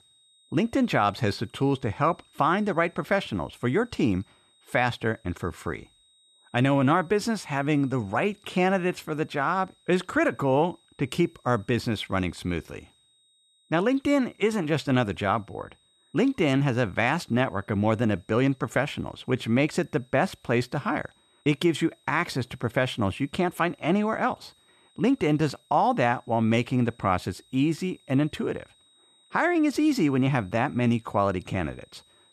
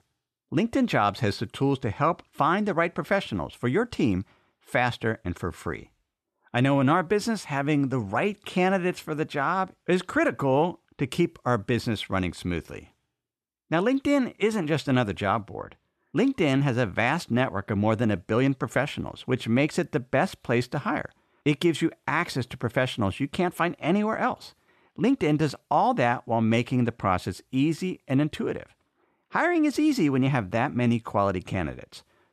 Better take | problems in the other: second | high-pitched whine; faint; throughout; 4 kHz, 35 dB below the speech

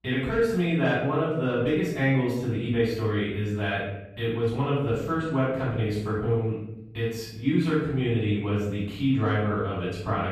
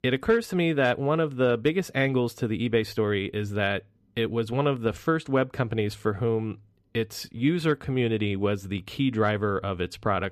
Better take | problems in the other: second | off-mic speech; far // room echo; noticeable; dies away in 0.8 s

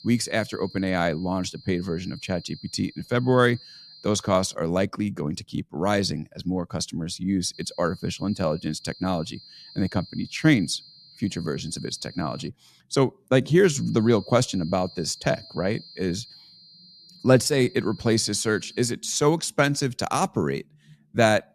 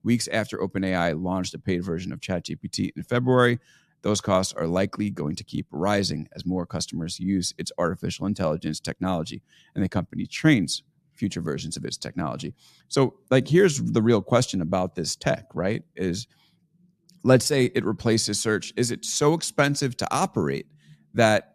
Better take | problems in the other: second | high-pitched whine; faint; until 4.5 s, from 7.5 to 12 s and from 14 to 19 s; 4 kHz, 20 dB below the speech

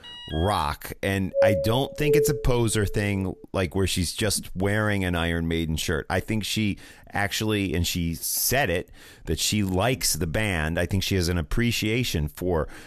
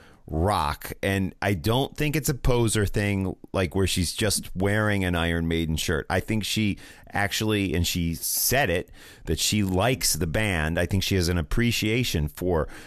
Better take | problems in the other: second | alarm; faint; at the start; peak 10 dB below the speech // doorbell; loud; from 1.5 to 2.5 s; peak 3 dB above the speech

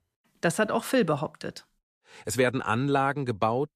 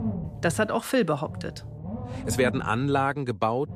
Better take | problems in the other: first | low rumble; noticeable; throughout; 15 dB below the speech

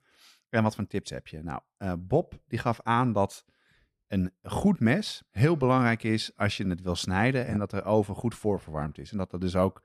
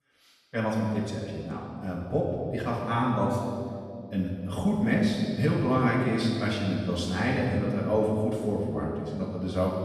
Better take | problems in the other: first | room echo; noticeable; dies away in 2.1 s // off-mic speech; far

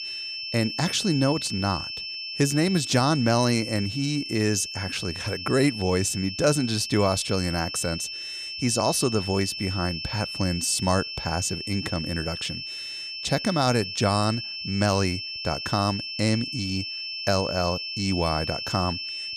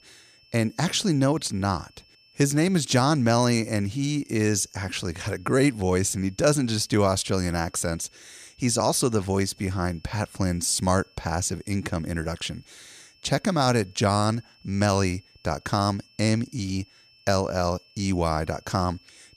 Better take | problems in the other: second | high-pitched whine; loud; throughout; 5.5 kHz, 6 dB below the speech; faint in the second

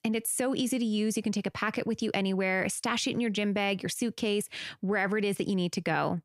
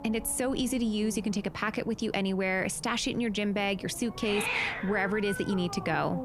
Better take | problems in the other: first | hiss; loud; throughout; 7 dB below the speech

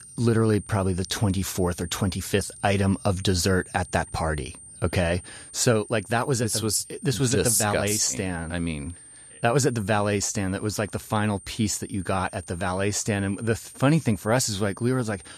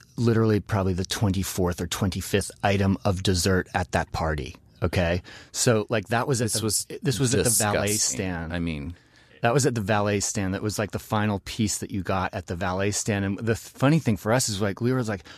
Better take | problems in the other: second | high-pitched whine; noticeable; throughout; 9 kHz, 20 dB below the speech

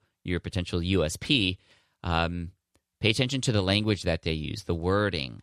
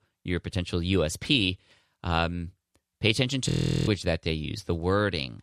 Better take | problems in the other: first | audio freezing; at 3.5 s

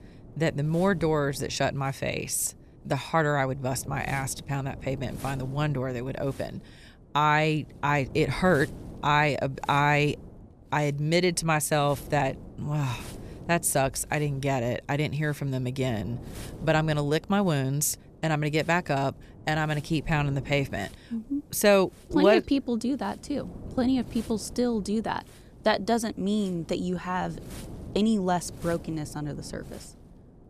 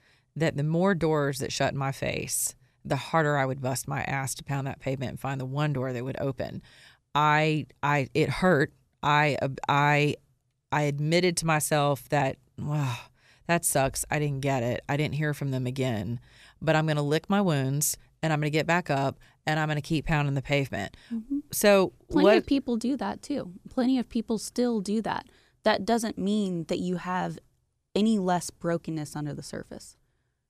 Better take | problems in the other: second | wind noise on the microphone; occasional gusts; 25 dB below the speech

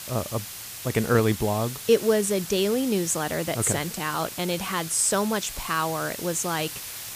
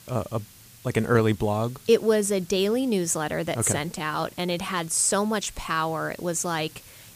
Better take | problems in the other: second | hiss; loud; throughout; 9 dB below the speech; faint in the second

